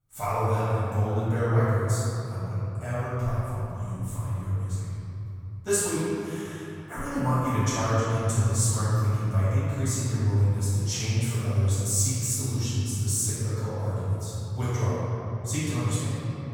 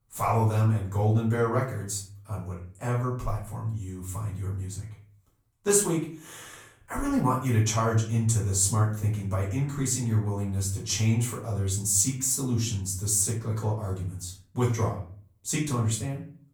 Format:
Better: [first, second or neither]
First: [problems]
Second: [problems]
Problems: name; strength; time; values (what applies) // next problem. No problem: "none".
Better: second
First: room echo; strong; dies away in 3 s // off-mic speech; far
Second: room echo; slight; dies away in 0.4 s // off-mic speech; far